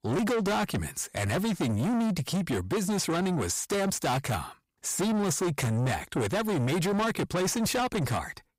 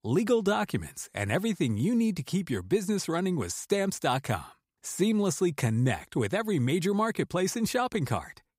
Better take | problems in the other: second | distortion; heavy; 6 dB below the speech

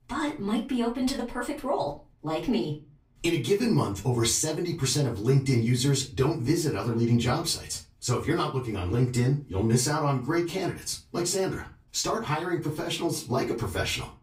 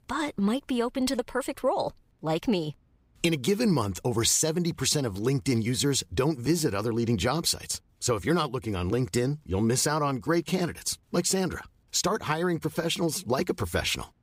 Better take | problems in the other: second | off-mic speech; far // room echo; very slight; dies away in 0.3 s

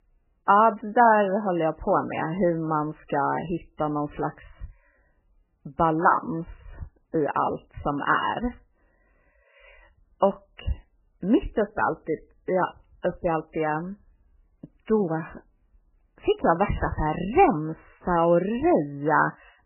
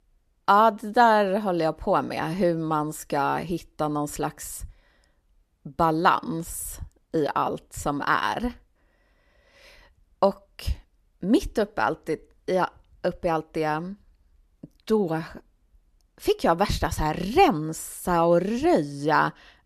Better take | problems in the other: second | garbled, watery; badly; nothing above 3 kHz

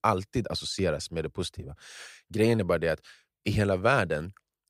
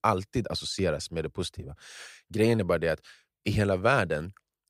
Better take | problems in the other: neither | none

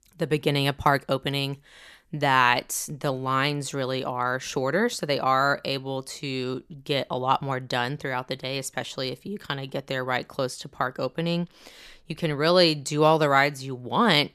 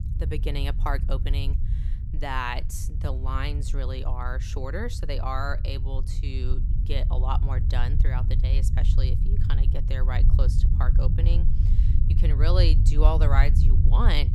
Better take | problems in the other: first | low rumble; loud; throughout; 9 dB below the speech

